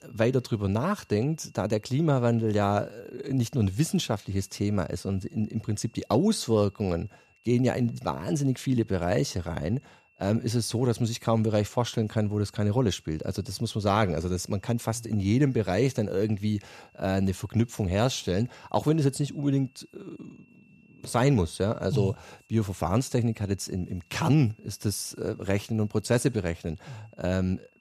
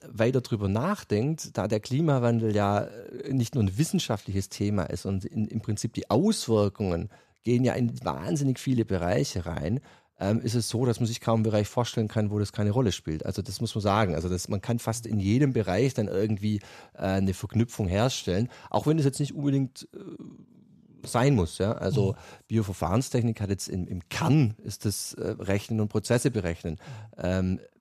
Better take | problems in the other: second | high-pitched whine; faint; throughout; 2.5 kHz, 35 dB below the speech

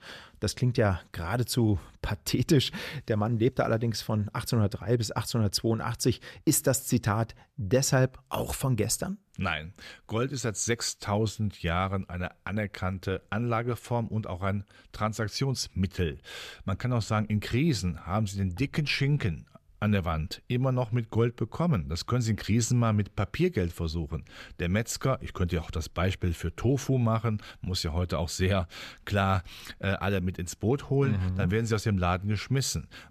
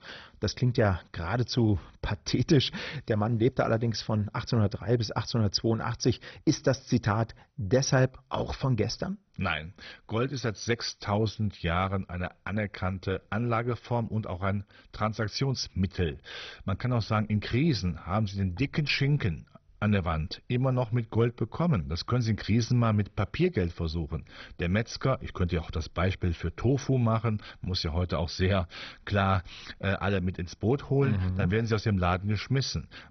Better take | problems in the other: first | garbled, watery; badly; nothing above 6 kHz

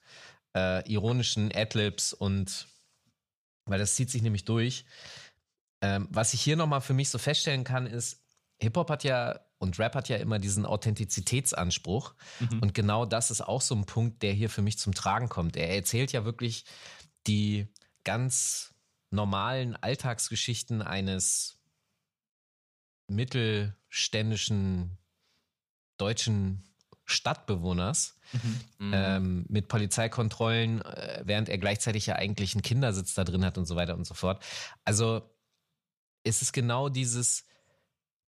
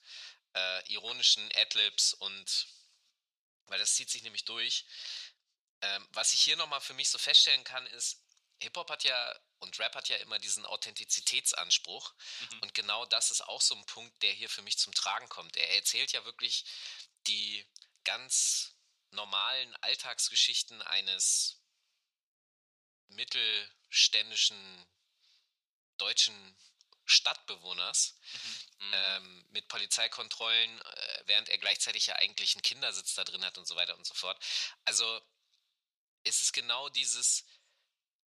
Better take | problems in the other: first | thin; very; fading below 800 Hz

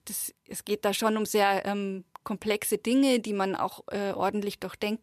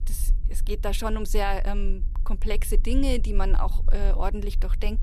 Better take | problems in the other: first | low rumble; faint; throughout; 20 dB below the speech

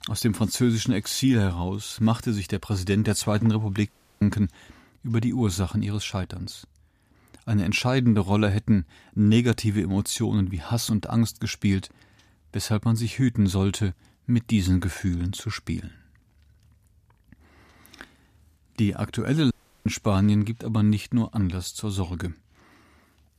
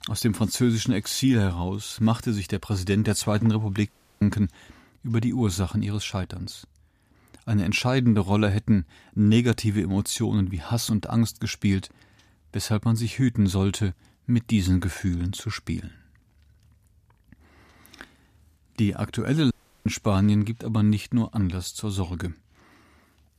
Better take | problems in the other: neither | audio cutting out; at 4 s and at 20 s; the same in both

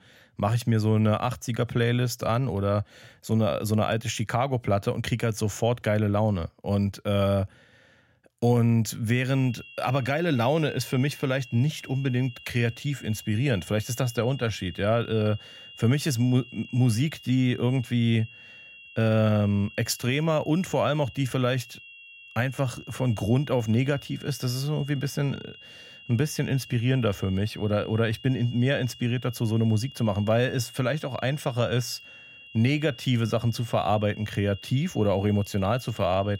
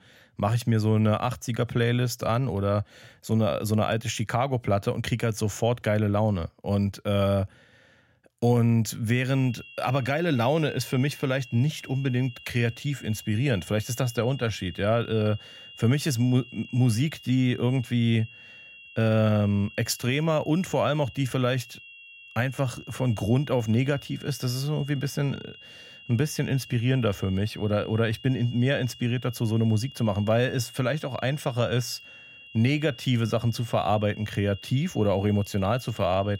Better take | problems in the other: neither | high-pitched whine; noticeable; from 9.5 s on; 3 kHz, 20 dB below the speech; the same in both

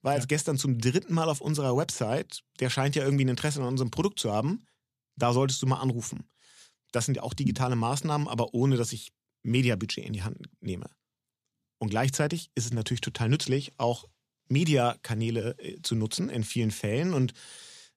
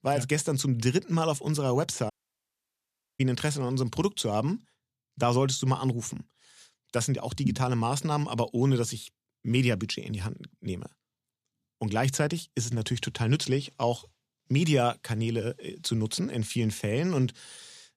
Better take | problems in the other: first | audio cutting out; at 2 s for 1 s

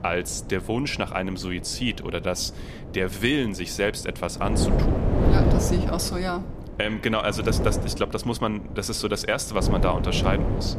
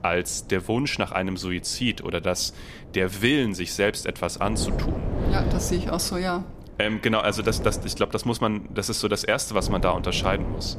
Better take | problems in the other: second | wind noise on the microphone; heavy; 5 dB below the speech; occasional gusts in the second

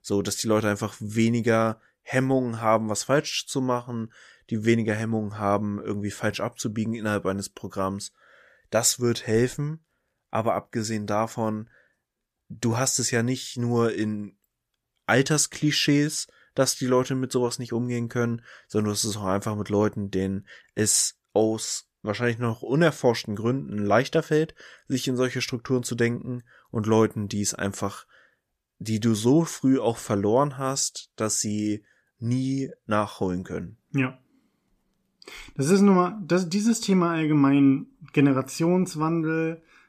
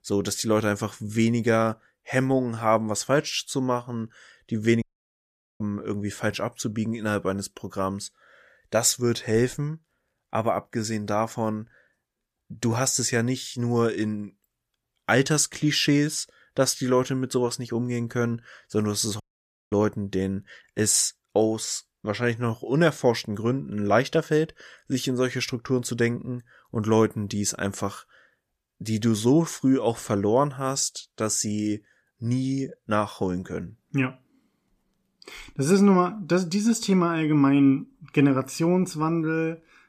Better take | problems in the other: first | audio cutting out; at 5 s for 1 s and at 19 s for 0.5 s

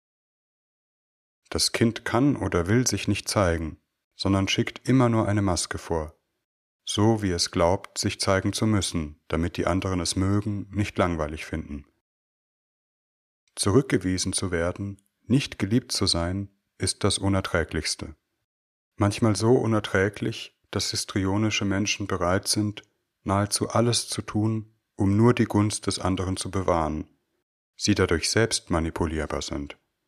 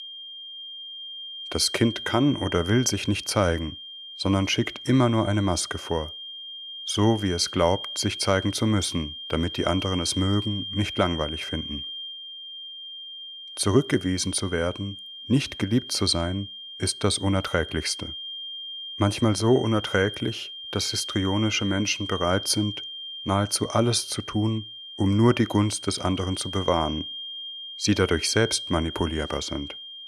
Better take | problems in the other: first | high-pitched whine; loud; throughout; 3 kHz, 10 dB below the speech

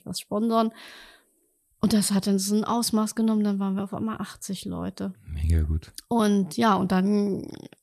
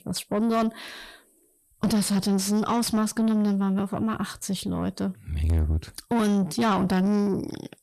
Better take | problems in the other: first | distortion; slight; 10 dB below the speech

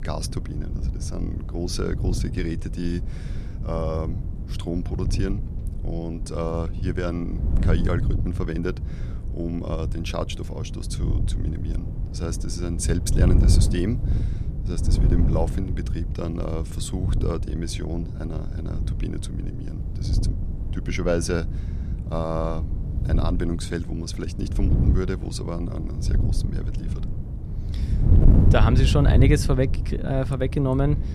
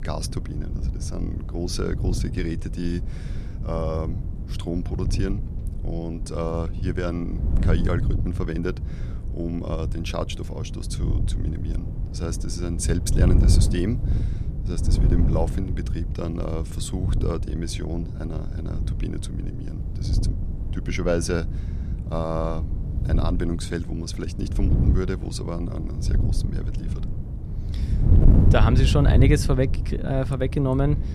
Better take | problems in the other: neither | wind noise on the microphone; heavy; 8 dB below the speech; the same in both

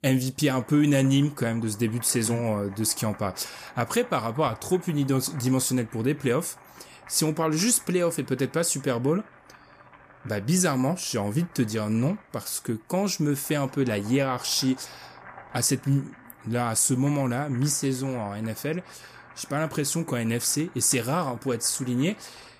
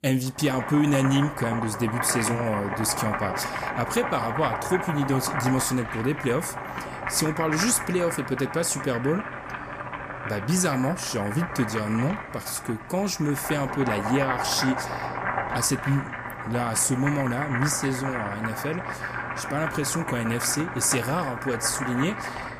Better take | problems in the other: first | household noises; loud; throughout; 5 dB below the speech; faint in the first

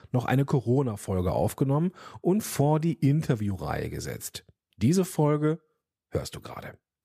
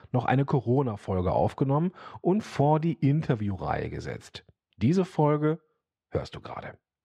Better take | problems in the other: first | muffled; slightly; fading above 3.5 kHz

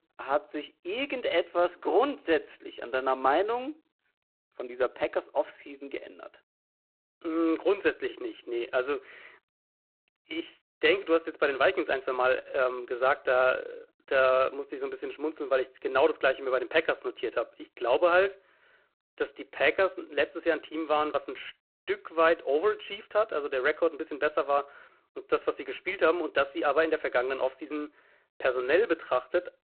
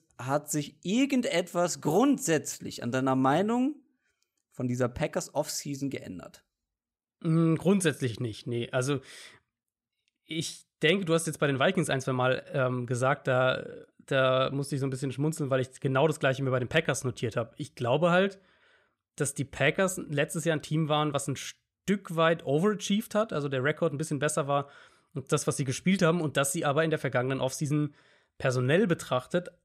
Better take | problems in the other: second | phone-call audio; poor line; nothing above 4 kHz

